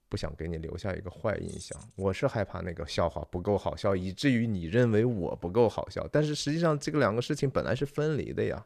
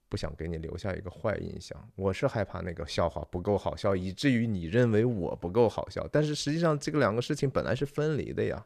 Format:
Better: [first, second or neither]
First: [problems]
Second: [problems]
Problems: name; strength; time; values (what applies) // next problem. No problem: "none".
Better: second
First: jangling keys; faint; at 1.5 s; peak 15 dB below the speech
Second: none